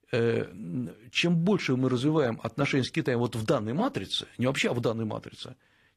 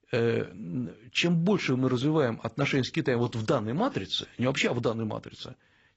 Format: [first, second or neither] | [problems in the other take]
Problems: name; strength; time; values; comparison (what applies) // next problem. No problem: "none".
first | garbled, watery; badly; nothing above 7.5 kHz; slightly in the first